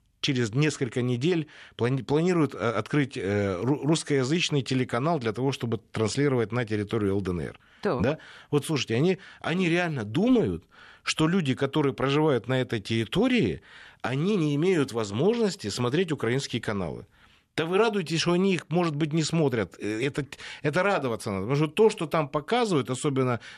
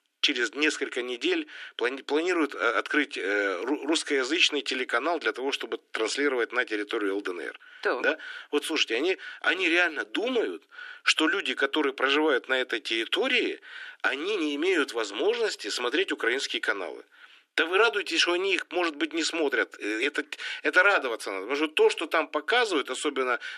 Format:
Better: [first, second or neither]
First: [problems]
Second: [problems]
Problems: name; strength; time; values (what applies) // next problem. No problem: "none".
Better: first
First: none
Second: thin; very; fading below 300 Hz